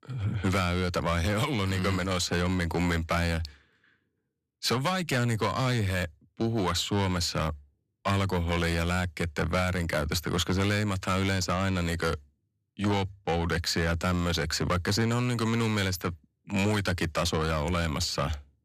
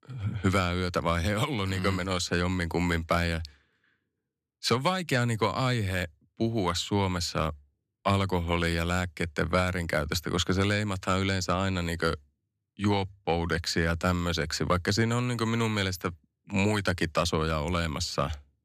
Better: second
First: distortion; slight; 10 dB below the speech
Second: none

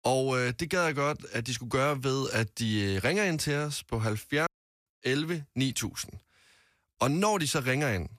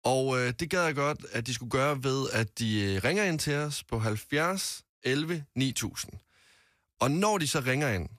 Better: second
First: audio cutting out; at 4.5 s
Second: none

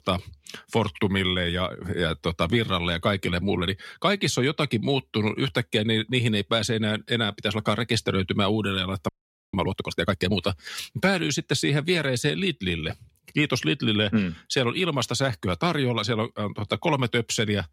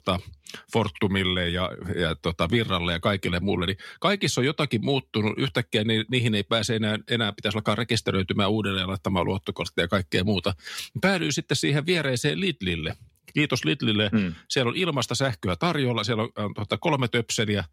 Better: second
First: audio freezing; at 9 s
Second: none

